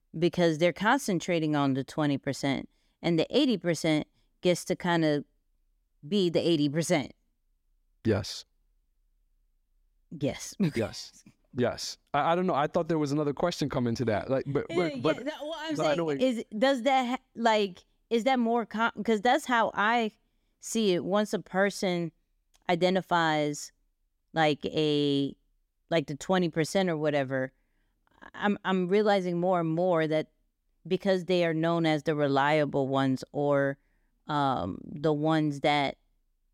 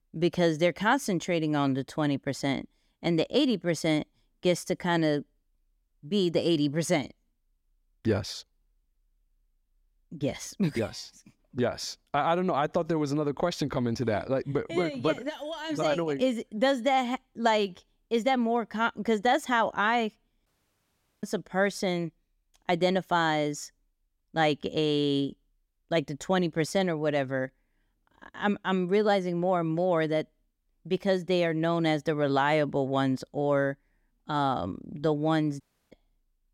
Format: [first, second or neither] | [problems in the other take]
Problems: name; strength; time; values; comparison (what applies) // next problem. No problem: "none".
first | audio cutting out; at 20 s for 1 s and at 36 s